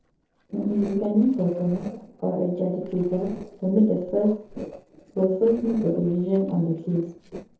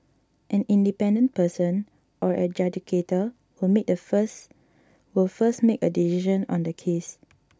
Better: second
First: noise reduction (neural separator model SepFormer DNS4)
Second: none

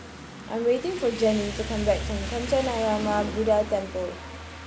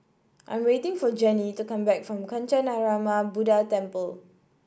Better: second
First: background sound (Rain); 8 dB below the speech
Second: none

